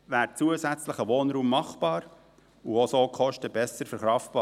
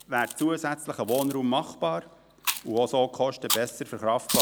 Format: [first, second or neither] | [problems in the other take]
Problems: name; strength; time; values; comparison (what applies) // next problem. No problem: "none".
first | background sound (Chewing, mastication); 7 dB below the speech